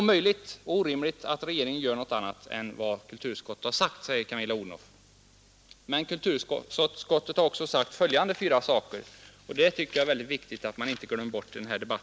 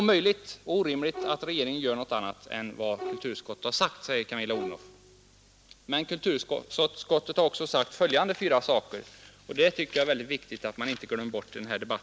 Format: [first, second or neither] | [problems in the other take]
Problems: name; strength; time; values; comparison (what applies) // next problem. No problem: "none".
first | background sound (Bowed string instrument); 11 dB below the speech